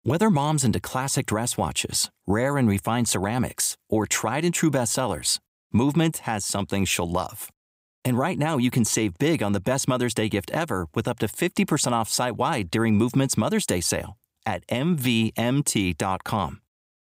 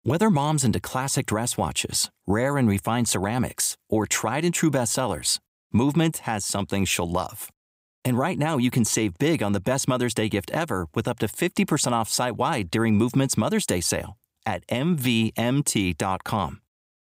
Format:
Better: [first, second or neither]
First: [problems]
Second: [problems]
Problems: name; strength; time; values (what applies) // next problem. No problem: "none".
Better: neither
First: none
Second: none